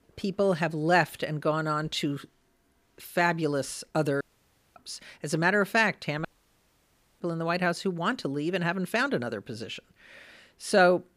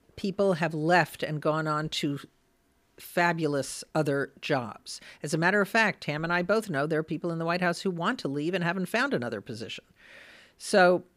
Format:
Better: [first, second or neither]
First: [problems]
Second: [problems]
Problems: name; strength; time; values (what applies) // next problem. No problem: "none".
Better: second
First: audio cutting out; at 4 s for 0.5 s and at 6.5 s for 1 s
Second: none